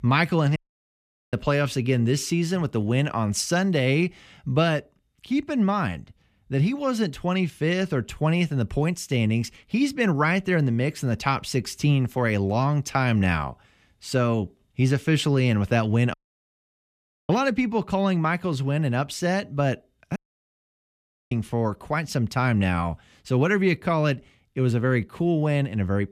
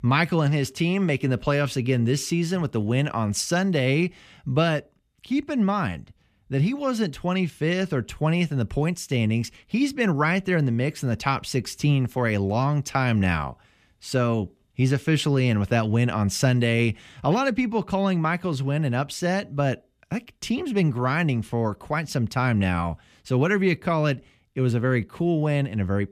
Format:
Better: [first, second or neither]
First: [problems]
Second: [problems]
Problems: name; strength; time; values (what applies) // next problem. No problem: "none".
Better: second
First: audio cutting out; at 0.5 s for 1 s, at 16 s for 1 s and at 20 s for 1 s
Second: none